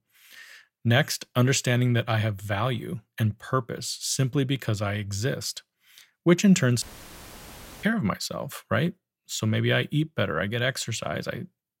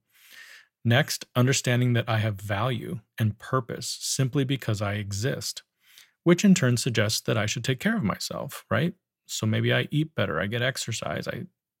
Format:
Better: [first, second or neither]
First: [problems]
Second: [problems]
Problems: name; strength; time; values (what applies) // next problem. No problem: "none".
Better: second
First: audio cutting out; filled with static; at 7 s for 1 s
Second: none